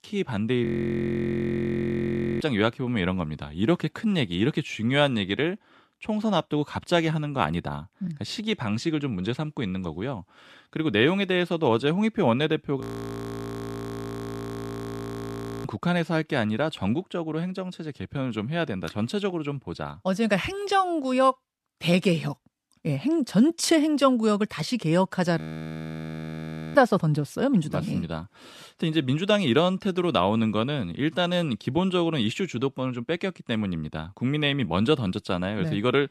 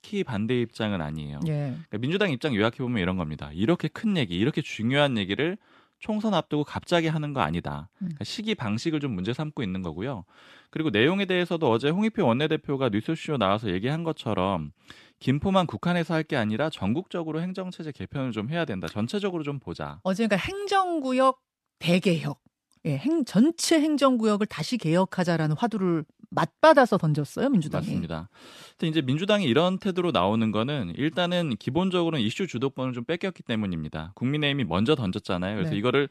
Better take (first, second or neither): second